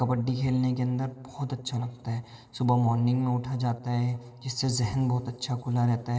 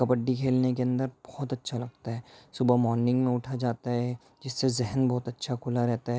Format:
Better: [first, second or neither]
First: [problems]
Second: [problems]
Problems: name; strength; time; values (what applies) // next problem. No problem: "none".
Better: second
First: room echo; dies away in 2.5 s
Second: none